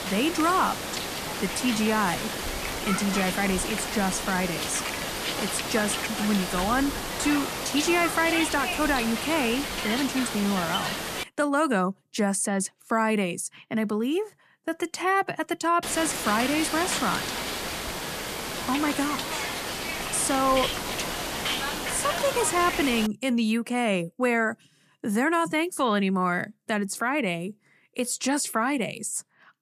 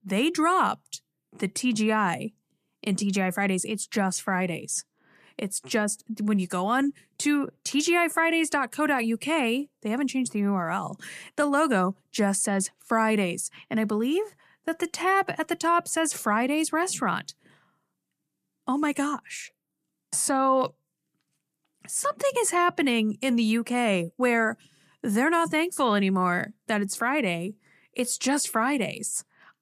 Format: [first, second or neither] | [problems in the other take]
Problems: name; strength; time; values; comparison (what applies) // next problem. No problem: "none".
second | hiss; loud; until 11 s and from 16 to 23 s; 3 dB below the speech